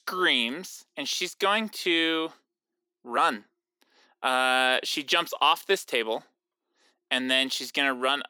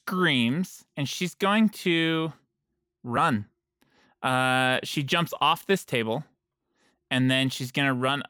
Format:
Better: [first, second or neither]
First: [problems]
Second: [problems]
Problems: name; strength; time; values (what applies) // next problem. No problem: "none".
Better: second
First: thin; somewhat; fading below 300 Hz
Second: none